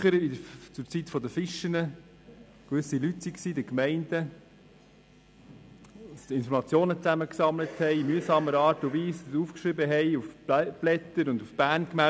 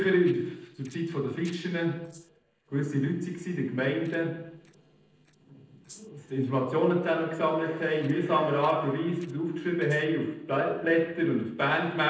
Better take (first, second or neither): first